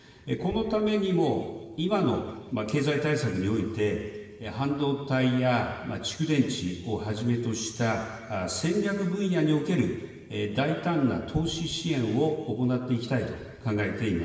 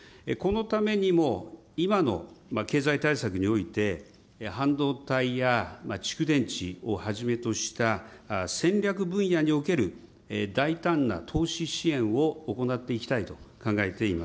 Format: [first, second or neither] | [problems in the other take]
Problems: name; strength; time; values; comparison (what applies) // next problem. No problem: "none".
second | room echo; dies away in 1.5 s